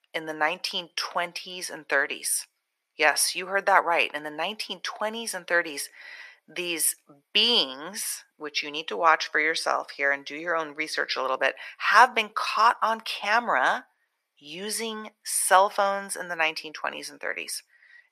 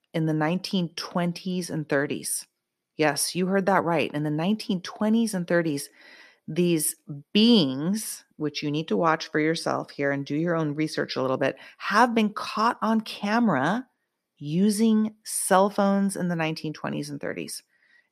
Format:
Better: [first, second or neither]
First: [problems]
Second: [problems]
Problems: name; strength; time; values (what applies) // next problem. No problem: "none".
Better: second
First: thin; very; fading below 800 Hz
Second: none